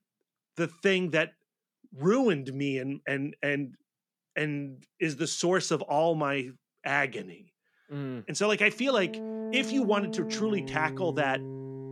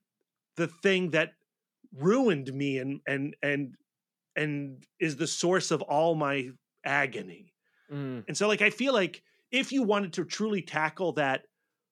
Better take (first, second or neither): second